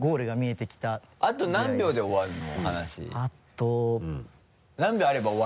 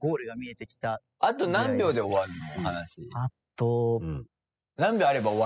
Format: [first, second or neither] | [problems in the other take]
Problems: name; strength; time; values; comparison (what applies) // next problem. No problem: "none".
first | noise reduction (classical method spectral subtraction)